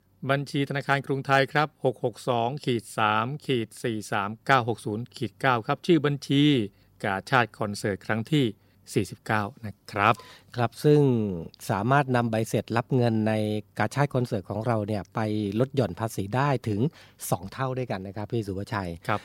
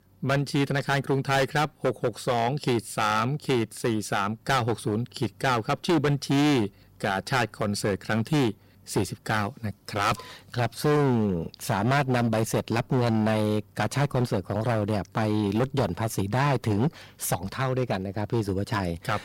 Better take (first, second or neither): first